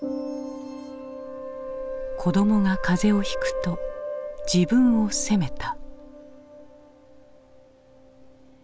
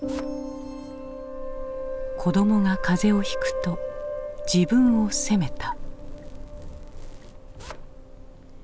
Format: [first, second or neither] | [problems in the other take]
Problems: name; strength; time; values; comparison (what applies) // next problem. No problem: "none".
first | background sound (Zipper (clothing)); 14 dB below the speech